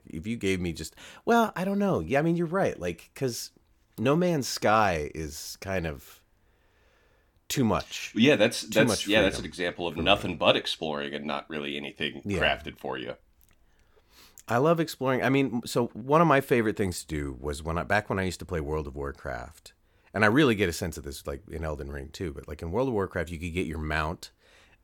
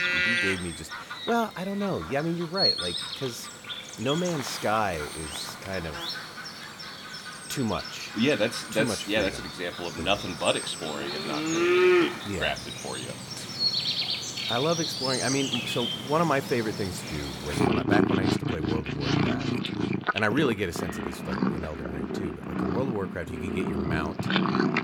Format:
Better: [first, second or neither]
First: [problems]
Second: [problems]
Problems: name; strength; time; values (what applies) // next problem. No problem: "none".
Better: first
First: none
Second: animal sounds; very loud; throughout; 1 dB above the speech